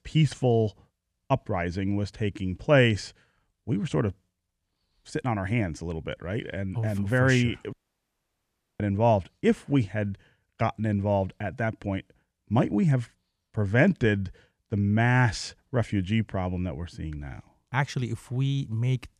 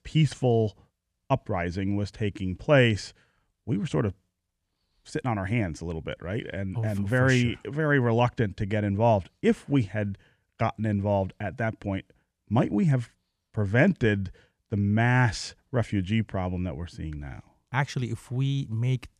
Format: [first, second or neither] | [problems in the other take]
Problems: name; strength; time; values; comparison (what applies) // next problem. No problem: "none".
second | audio cutting out; at 7.5 s for 1 s